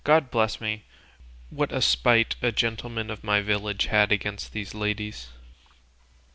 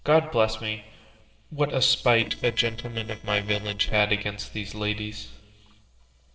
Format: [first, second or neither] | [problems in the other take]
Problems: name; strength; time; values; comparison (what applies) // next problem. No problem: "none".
first | noise reduction (neural separator model SepFormer DNS4)